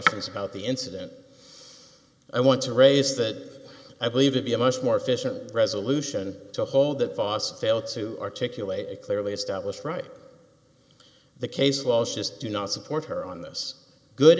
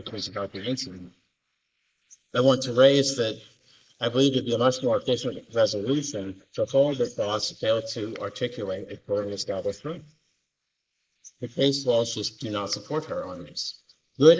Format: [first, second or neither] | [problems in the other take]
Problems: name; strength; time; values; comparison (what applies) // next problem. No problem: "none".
first | noise reduction (neural mask model Resemble Enhance denoiser)